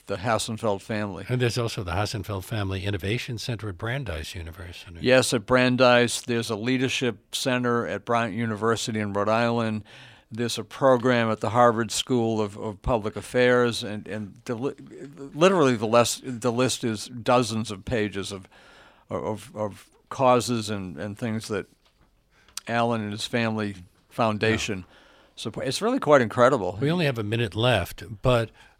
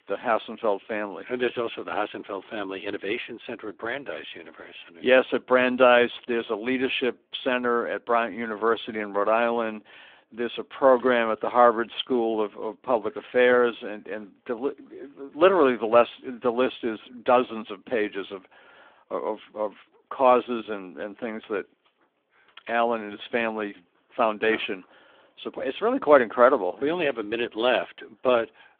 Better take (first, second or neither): first